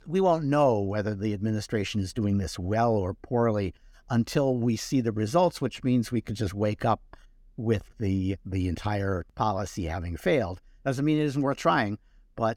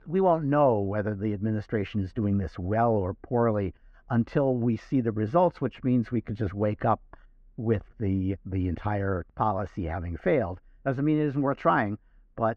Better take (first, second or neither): first